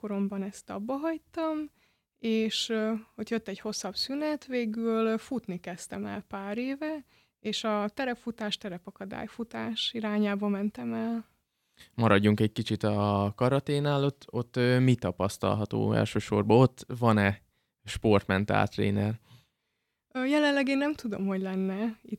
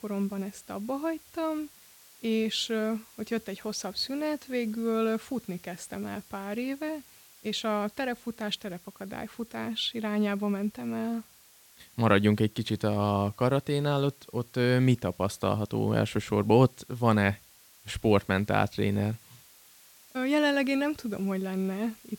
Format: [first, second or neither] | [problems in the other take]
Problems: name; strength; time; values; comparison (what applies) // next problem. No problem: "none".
first | hiss; faint; throughout; 25 dB below the speech